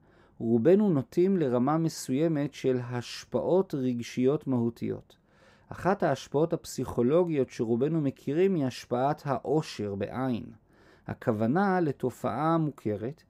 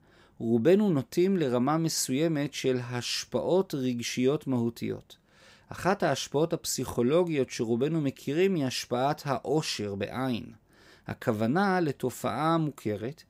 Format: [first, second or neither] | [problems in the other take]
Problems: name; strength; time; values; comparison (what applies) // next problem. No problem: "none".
second | muffled; slightly; fading above 2 kHz